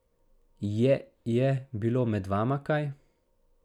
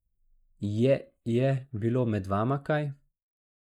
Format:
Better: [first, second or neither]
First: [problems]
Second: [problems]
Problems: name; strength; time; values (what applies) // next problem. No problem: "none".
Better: first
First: none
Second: noise reduction (neural mask model Resemble Enhance denoiser)